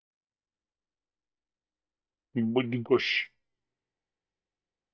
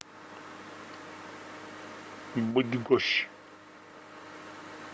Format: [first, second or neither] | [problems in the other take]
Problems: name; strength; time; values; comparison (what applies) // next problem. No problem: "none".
second | noise reduction (neural mask model DeepFilterNet 3)